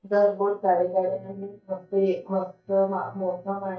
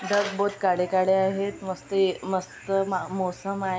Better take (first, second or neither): second